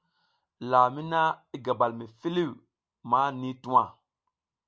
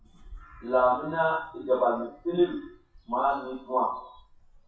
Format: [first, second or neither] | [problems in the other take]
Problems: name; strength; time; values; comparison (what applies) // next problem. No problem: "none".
first | noise reduction (classical method WPE with log-MMSE)